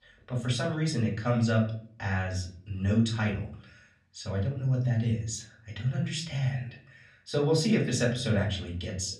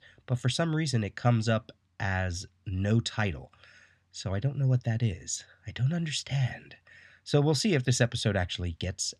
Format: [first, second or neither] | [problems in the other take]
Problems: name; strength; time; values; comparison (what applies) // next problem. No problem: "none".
second | off-mic speech; far // room echo; slight; dies away in 0.4 s